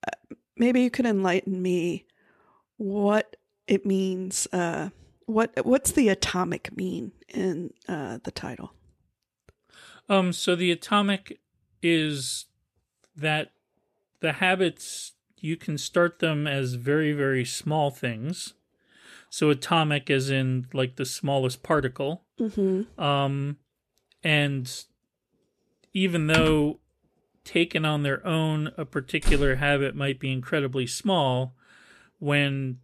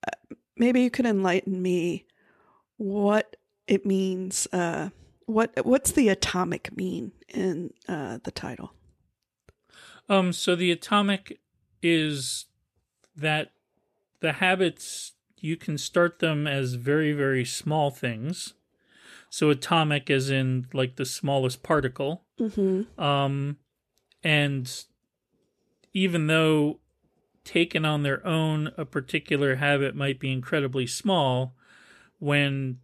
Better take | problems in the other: second | keyboard typing; noticeable; at 26 s; peak 2 dB below the speech // door banging; noticeable; at 29 s; peak 6 dB below the speech

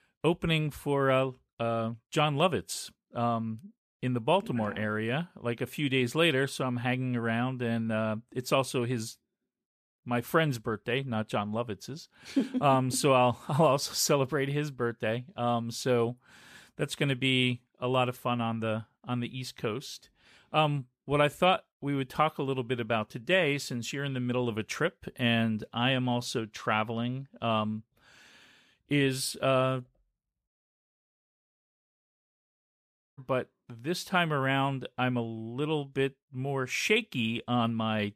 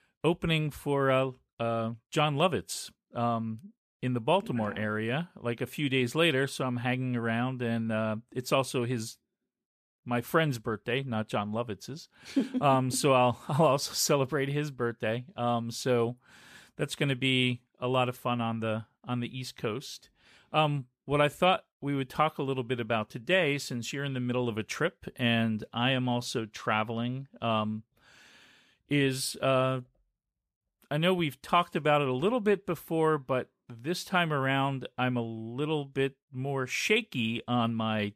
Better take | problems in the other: second | audio cutting out; at 30 s for 2.5 s

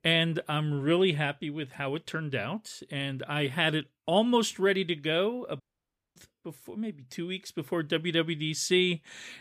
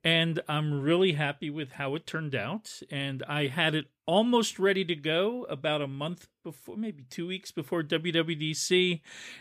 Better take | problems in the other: second | audio cutting out; at 5.5 s for 0.5 s

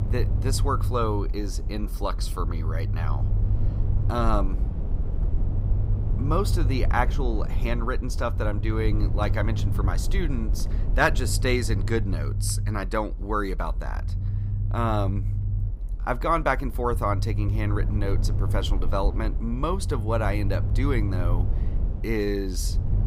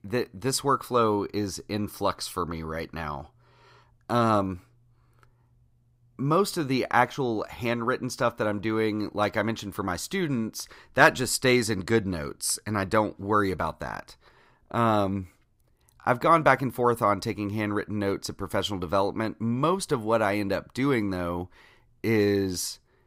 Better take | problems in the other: second | low rumble; noticeable; throughout; 15 dB below the speech

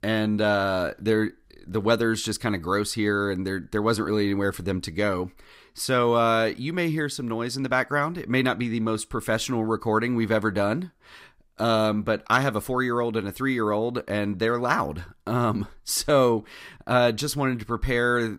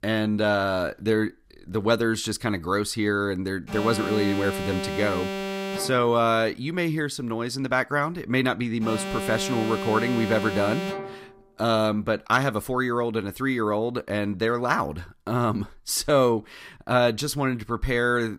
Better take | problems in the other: first | alarm; noticeable; from 3.5 to 11 s; peak 5 dB below the speech

